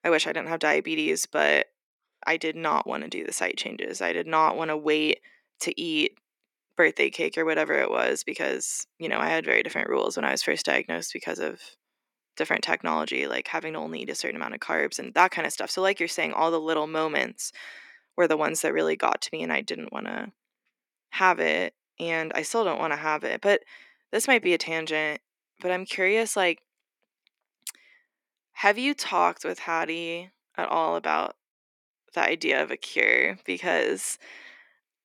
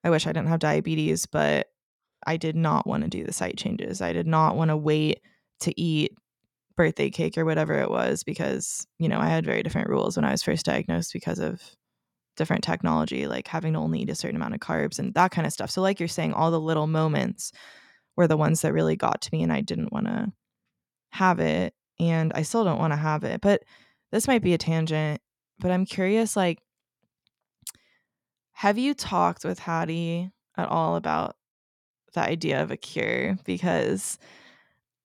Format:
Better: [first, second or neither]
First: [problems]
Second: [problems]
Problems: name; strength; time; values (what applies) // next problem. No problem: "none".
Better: second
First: thin; somewhat; fading below 300 Hz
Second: none